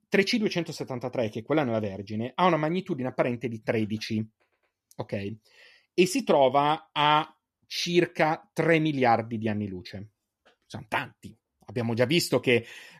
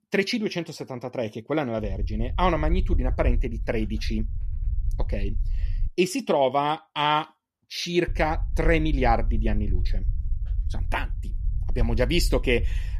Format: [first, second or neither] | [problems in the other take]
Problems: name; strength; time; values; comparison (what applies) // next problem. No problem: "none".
first | low rumble; faint; from 2 to 6 s and from 8 s on; 25 dB below the speech